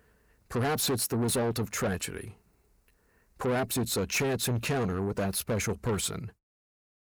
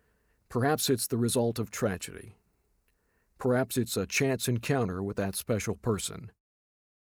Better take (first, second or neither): second